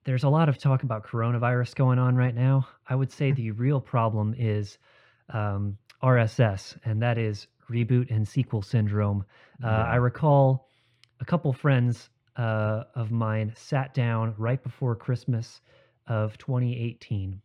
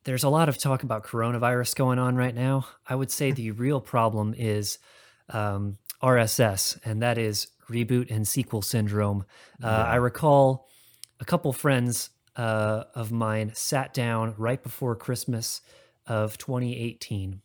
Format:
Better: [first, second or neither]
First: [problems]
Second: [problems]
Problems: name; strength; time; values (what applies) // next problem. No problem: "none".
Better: second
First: muffled; slightly; fading above 2.5 kHz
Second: none